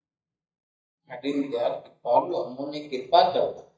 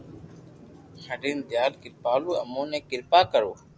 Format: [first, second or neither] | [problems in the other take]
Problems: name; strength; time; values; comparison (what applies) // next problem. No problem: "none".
second | noise reduction (neural mask model DeepFilterNet 3)